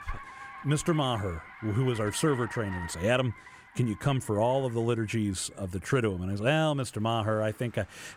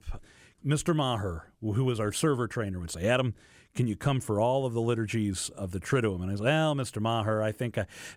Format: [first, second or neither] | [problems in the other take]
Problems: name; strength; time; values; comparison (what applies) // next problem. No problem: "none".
second | traffic noise; noticeable; throughout; 15 dB below the speech